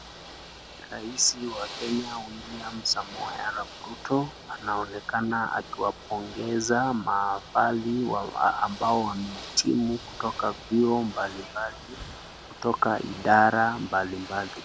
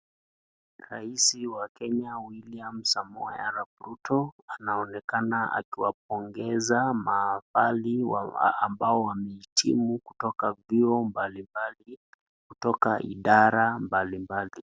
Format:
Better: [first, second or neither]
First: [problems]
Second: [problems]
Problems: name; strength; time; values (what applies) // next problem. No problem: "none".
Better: second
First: background sound (Ocean / Boat, Water vehicle); 15 dB below the speech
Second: none